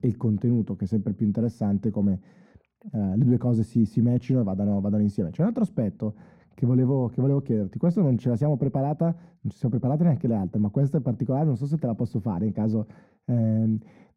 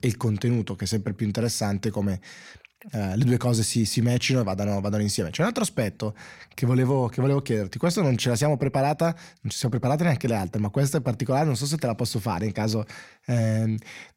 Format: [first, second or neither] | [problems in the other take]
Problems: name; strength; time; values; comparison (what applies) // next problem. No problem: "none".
second | muffled; very; fading above 1.5 kHz